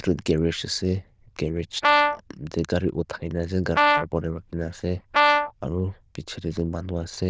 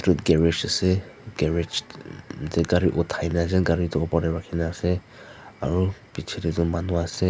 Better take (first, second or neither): second